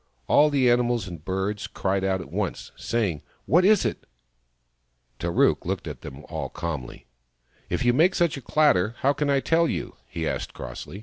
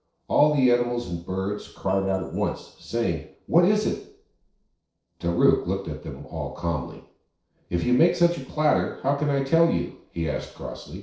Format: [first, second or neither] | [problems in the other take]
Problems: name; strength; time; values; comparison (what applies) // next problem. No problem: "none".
first | noise reduction (neural separator model SepFormer DNS4)